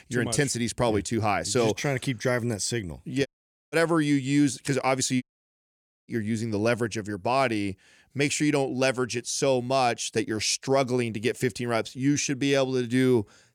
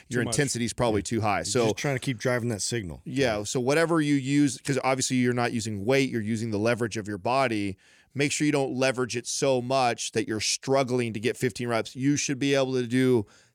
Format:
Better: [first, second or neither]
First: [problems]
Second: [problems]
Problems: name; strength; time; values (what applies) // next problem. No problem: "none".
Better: second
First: audio cutting out; at 3.5 s and at 5 s for 1 s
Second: none